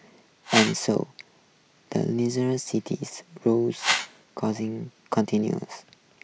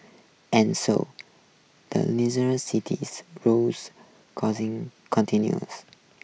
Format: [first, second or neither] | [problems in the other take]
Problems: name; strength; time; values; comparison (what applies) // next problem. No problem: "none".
second | background sound (Whoosh, swoosh, swish); 1 dB below the speech